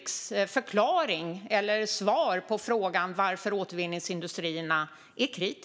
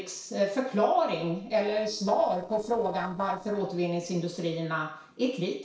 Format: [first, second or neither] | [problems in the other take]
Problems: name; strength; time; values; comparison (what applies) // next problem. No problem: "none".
first | noise reduction (neural separator model SepFormer DNS4)